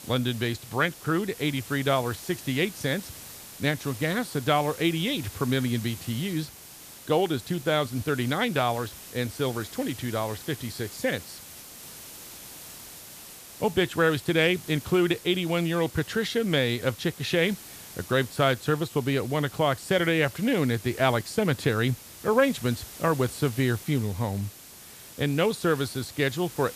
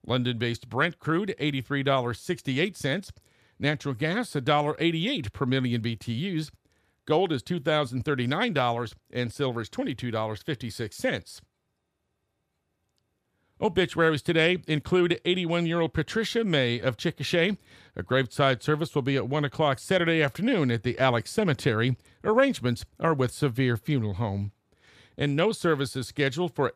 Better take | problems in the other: second | hiss; noticeable; throughout; 15 dB below the speech

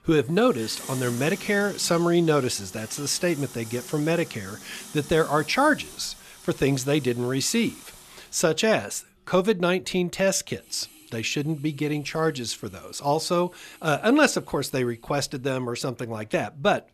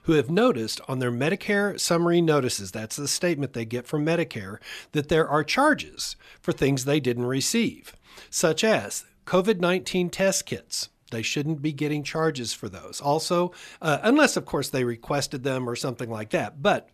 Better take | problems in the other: second | household noises; noticeable; throughout; 15 dB below the speech

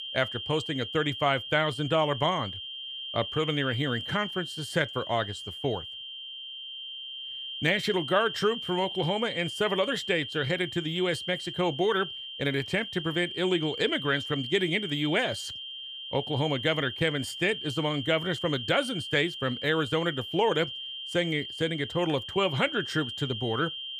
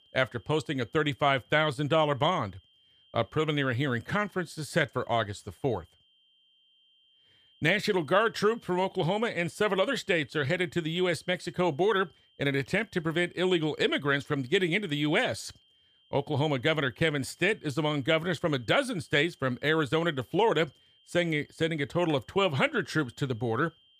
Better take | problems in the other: second | high-pitched whine; loud; throughout; 3 kHz, 7 dB below the speech; faint in the second

